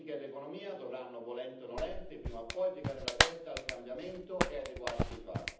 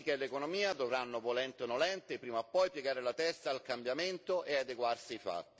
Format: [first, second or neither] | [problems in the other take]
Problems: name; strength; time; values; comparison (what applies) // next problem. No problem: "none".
second | background sound (Clapping); 5 dB above the speech // room echo; dies away in 0.8 s